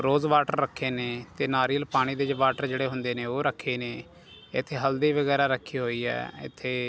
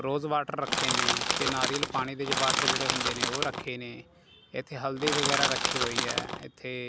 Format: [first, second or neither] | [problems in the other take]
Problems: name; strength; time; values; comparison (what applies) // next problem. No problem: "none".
first | background sound (Crushing); 4 dB above the speech